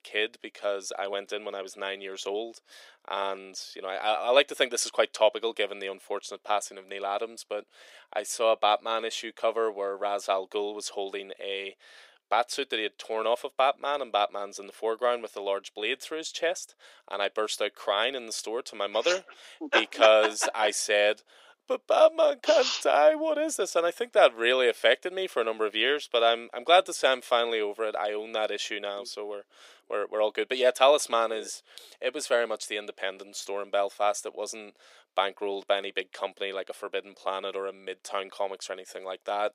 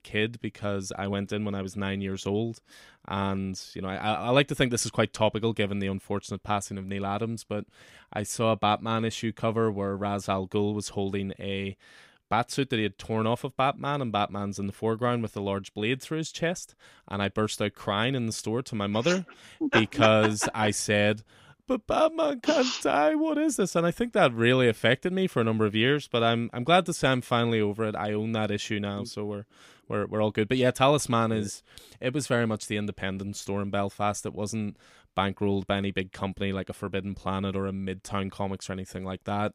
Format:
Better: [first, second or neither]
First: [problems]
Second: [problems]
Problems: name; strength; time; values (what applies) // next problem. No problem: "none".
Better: second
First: thin; very; fading below 400 Hz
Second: none